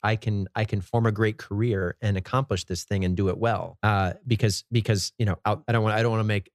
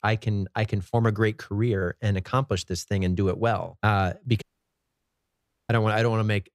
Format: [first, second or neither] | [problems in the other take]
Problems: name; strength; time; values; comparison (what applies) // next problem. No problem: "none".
first | audio cutting out; at 4.5 s for 1.5 s